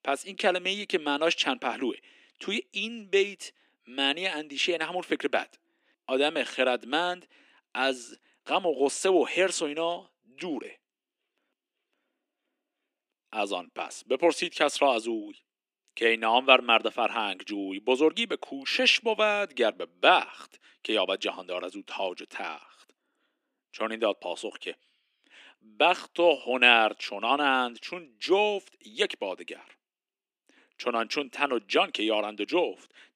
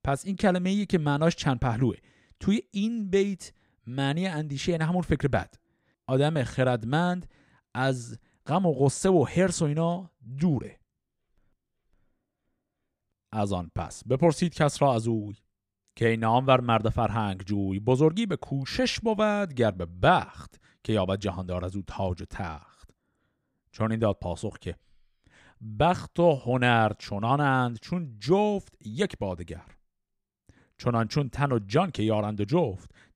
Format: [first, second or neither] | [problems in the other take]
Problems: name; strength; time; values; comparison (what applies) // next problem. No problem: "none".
second | thin; somewhat; fading below 250 Hz